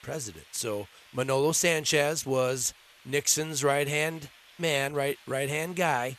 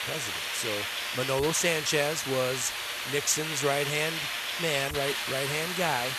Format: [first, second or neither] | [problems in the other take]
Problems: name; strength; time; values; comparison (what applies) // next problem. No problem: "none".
first | hiss; loud; throughout; 1 dB below the speech; faint in the first